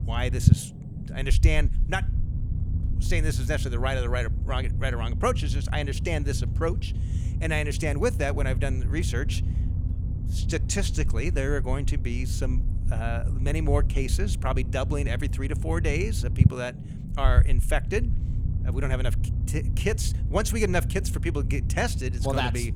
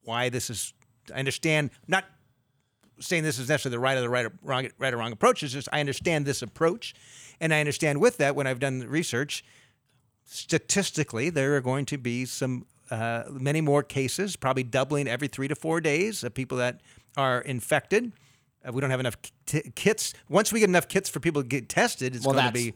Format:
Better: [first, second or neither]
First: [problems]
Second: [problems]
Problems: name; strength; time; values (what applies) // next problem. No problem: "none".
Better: second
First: low rumble; noticeable; throughout; 10 dB below the speech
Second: none